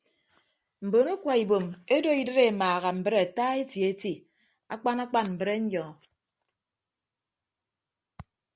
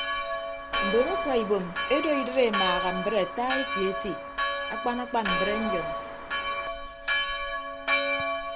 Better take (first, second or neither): first